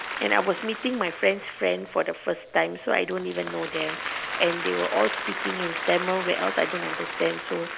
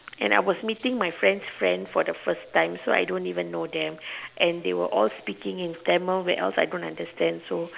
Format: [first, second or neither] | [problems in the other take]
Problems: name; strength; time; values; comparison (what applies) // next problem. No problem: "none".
second | background sound (Applause); 7 dB below the speech